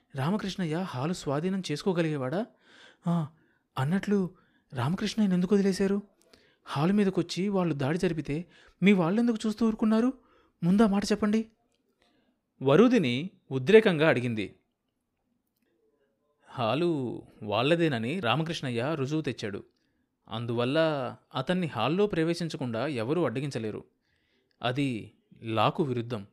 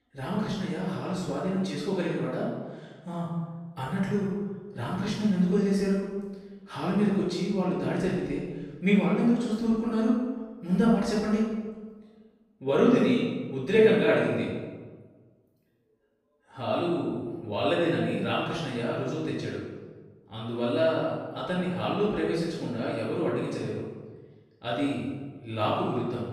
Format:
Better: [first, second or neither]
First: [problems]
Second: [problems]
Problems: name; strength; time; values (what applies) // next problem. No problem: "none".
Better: first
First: none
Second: off-mic speech; far // room echo; noticeable; dies away in 1.1 s